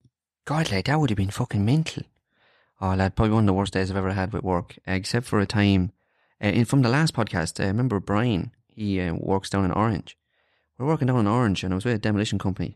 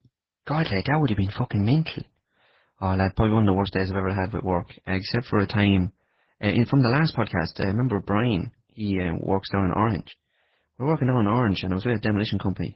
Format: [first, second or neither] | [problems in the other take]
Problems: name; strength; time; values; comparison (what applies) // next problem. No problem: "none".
first | garbled, watery; badly; nothing above 5.5 kHz